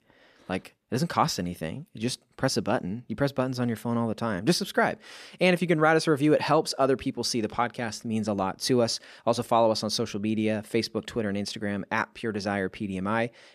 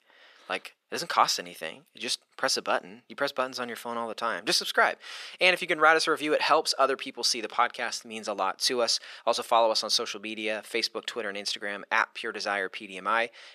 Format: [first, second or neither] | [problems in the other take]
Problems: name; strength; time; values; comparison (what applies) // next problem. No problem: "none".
first | thin; very; fading below 550 Hz